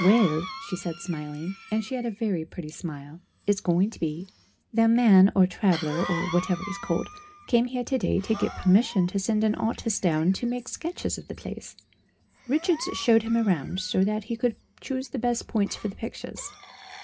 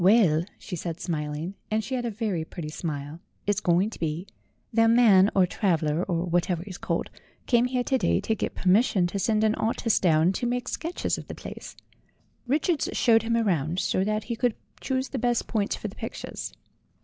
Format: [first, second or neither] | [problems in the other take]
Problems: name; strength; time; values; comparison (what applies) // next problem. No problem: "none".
second | background sound (Cough); 17 dB below the speech // room echo; dies away in 0.3 s